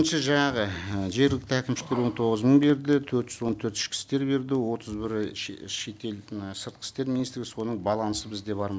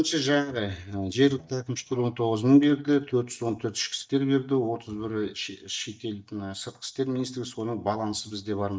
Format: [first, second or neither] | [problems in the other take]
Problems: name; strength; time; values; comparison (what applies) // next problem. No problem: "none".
first | noise reduction (neural mask model DeepFilterNet 3)